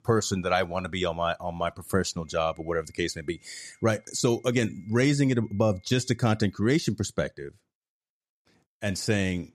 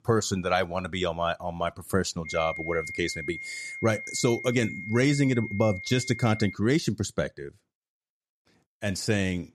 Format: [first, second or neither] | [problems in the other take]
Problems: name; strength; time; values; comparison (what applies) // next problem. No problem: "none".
first | high-pitched whine; loud; from 2.5 to 6.5 s; 2 kHz, 9 dB below the speech; faint in the first